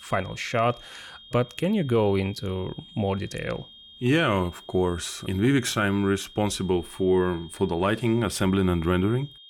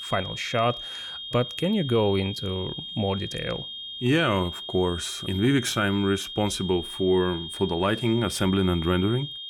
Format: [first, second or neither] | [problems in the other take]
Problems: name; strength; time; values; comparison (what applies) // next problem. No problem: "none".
first | high-pitched whine; loud; throughout; 3 kHz, 8 dB below the speech; faint in the first